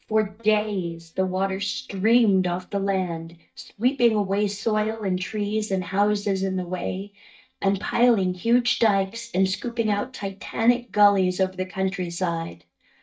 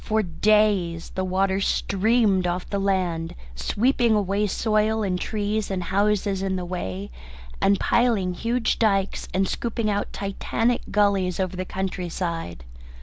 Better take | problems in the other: second | noise reduction (neural mask model DeepFilterNet 3)

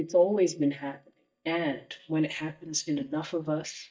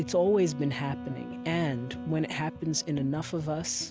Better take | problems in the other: second | noise reduction (neural mask model DeepFilterNet 3)

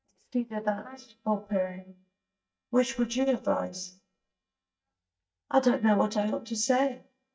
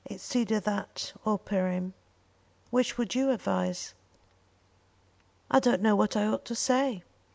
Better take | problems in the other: second | noise reduction (neural mask model DeepFilterNet 3)

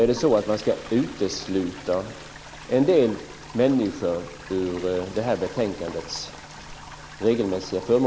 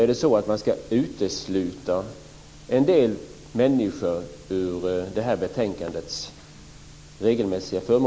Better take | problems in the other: second | background sound (Toilet flush); 18 dB below the speech

